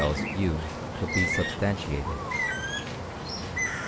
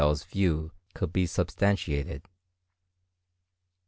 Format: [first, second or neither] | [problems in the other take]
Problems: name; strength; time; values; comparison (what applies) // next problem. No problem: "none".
second | background sound (Bird); as loud as the speech